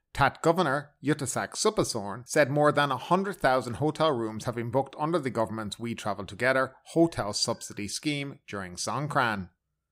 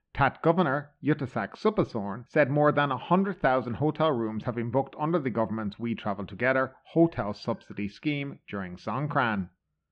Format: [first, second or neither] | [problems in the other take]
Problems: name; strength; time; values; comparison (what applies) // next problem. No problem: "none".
first | muffled; very; fading above 3 kHz